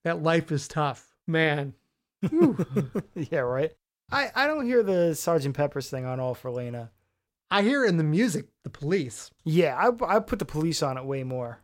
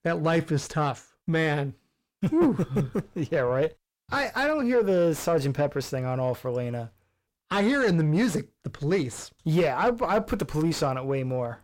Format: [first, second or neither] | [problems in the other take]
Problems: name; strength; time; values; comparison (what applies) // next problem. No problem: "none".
first | distortion; slight; 9 dB below the speech